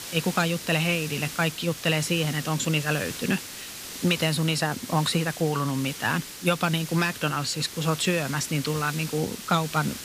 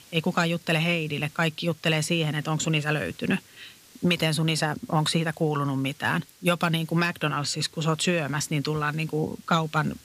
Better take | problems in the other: second | hiss; loud; throughout; 10 dB below the speech; faint in the second

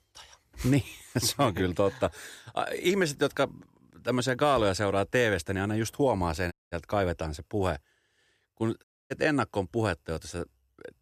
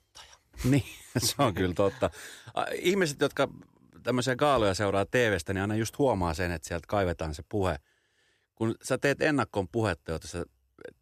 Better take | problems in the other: second | audio cutting out; at 6.5 s and at 9 s

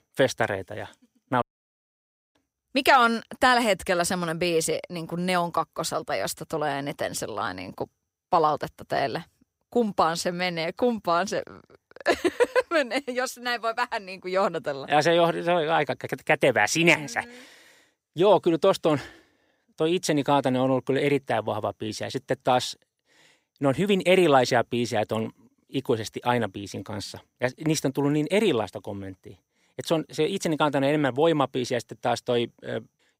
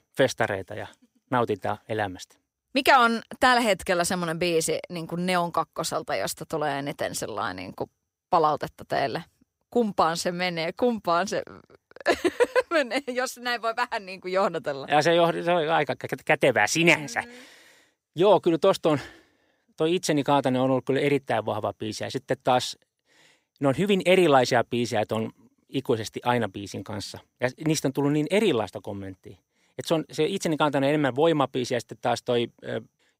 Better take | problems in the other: second | audio cutting out; at 1.5 s for 1 s

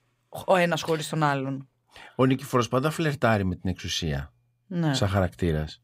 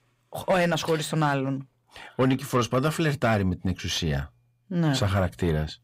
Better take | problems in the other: first | distortion; slight; 10 dB below the speech

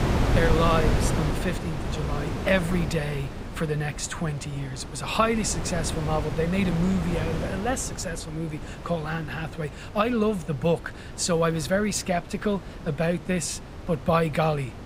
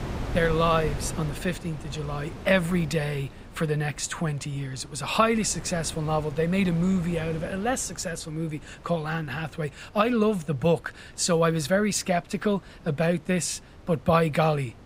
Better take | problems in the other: second | wind noise on the microphone; heavy; 8 dB below the speech; occasional gusts in the second

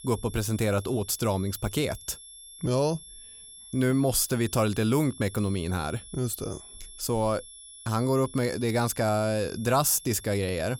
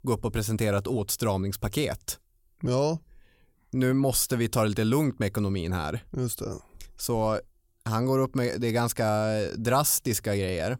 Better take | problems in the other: second | high-pitched whine; noticeable; throughout; 11 kHz, 15 dB below the speech

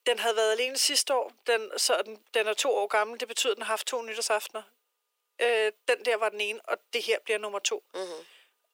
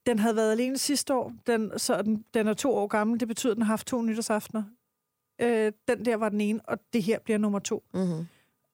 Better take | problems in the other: second | thin; very; fading below 400 Hz

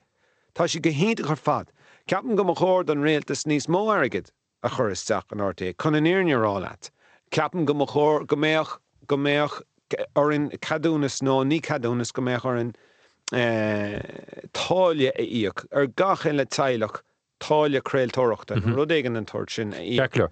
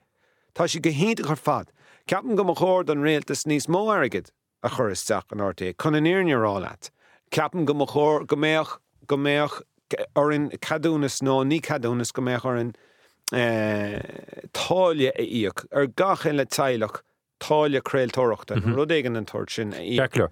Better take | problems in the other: second | garbled, watery; slightly; nothing above 8 kHz

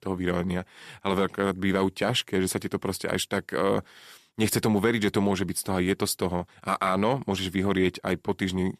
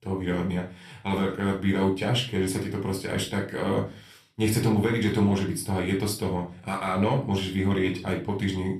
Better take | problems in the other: first | off-mic speech; somewhat distant // room echo; slight; dies away in 0.3 s

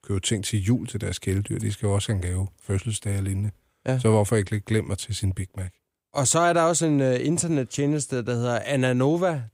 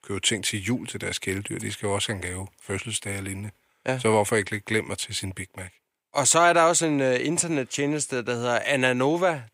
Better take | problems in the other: first | thin; somewhat; fading below 400 Hz

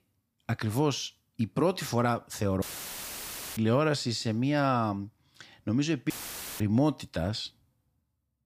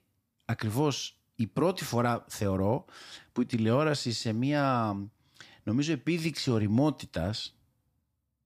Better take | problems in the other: second | audio cutting out; filled with static; at 2.5 s for 1 s and at 6 s for 0.5 s

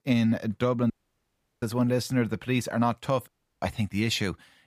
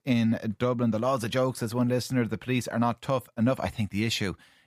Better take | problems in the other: second | audio cutting out; at 1 s for 0.5 s and at 3.5 s

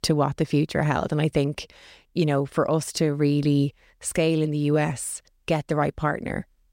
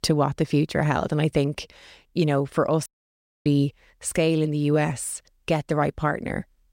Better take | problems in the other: first | audio cutting out; at 3 s for 0.5 s

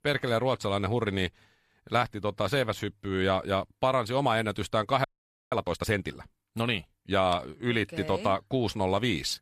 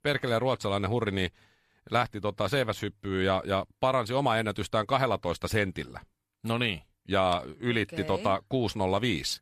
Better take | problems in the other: second | audio freezing; at 5 s

